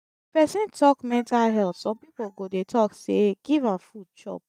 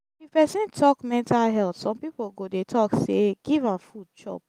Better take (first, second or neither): second